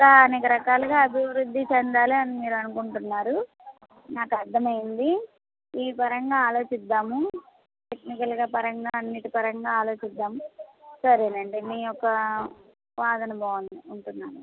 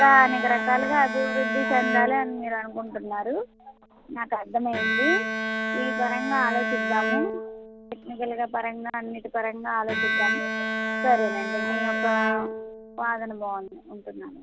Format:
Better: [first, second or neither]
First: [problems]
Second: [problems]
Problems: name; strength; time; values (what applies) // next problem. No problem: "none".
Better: first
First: none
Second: background sound (Bowed string instrument); 2 dB below the speech